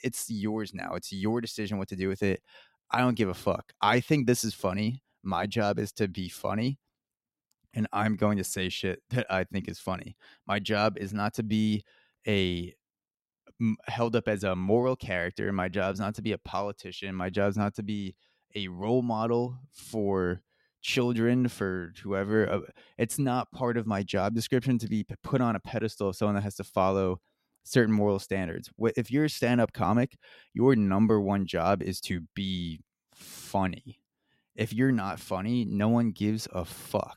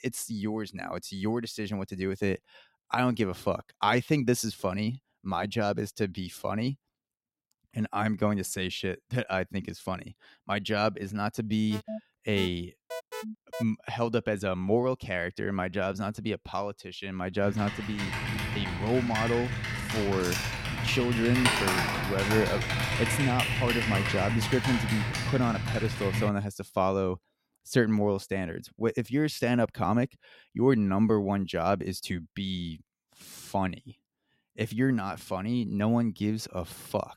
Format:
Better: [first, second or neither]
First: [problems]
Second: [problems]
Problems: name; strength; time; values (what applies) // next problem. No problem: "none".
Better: first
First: none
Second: alarm; noticeable; from 12 to 14 s; peak 9 dB below the speech // keyboard typing; loud; from 17 to 26 s; peak 5 dB above the speech